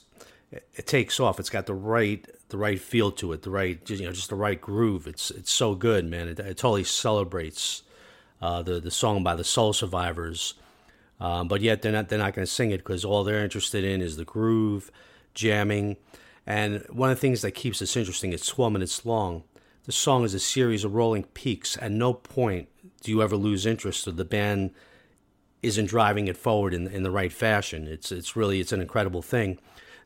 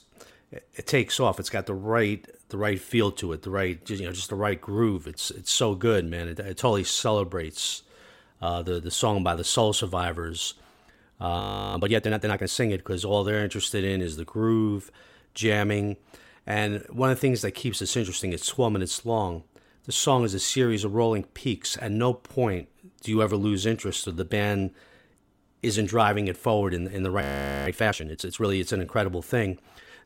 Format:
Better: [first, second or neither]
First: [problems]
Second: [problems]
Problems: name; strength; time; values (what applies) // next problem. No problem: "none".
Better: first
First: none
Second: audio freezing; at 11 s and at 27 s